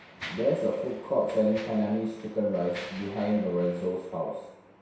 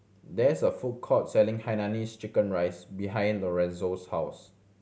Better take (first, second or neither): second